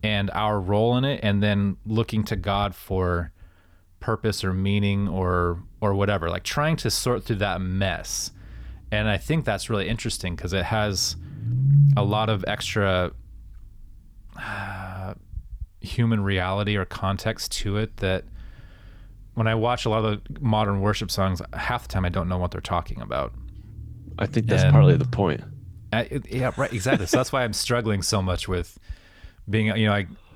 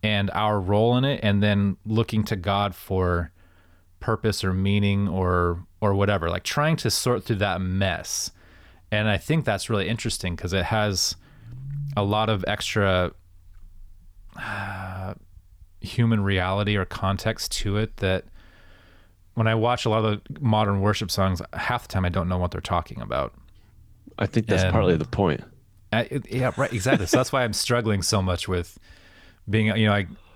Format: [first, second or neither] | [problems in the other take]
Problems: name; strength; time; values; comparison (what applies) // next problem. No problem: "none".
second | low rumble; loud; throughout; 7 dB below the speech; faint in the second